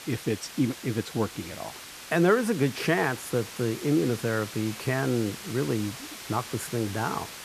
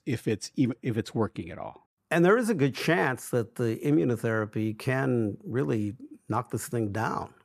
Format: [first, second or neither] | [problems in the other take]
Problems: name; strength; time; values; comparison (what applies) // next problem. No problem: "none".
second | hiss; noticeable; throughout; 10 dB below the speech